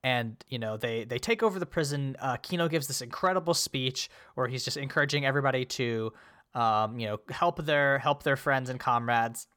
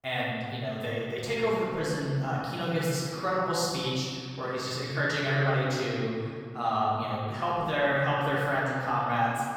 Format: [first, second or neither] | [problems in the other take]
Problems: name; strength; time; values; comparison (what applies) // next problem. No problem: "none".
first | room echo; strong; dies away in 2.1 s // off-mic speech; far